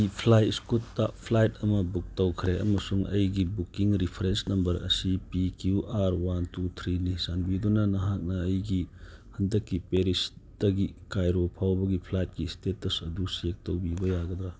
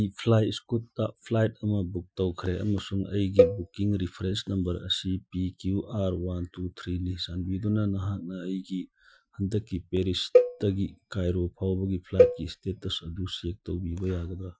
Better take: first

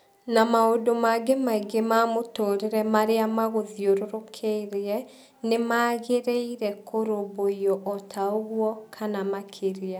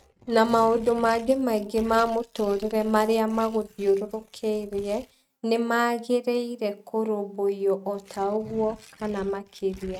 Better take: first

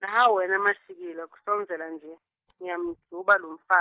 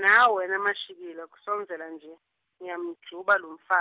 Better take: second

